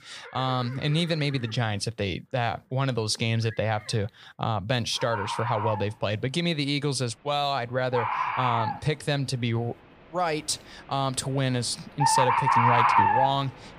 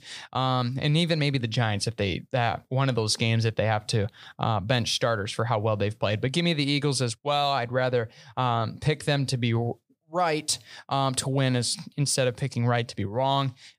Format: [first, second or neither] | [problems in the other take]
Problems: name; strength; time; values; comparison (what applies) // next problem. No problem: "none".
second | animal sounds; very loud; throughout; 3 dB above the speech